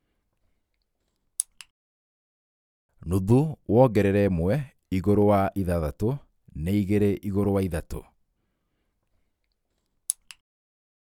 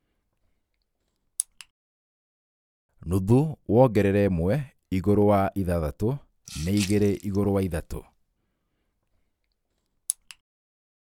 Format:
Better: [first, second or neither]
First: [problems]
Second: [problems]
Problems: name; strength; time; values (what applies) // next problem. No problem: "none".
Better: first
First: none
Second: background sound (Rattle (instrument)); 16 dB below the speech